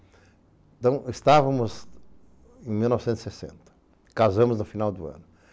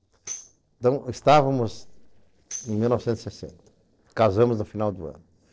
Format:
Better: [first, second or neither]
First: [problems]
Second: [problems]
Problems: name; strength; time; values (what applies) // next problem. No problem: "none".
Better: first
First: none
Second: noise reduction (neural separator model SepFormer DNS4)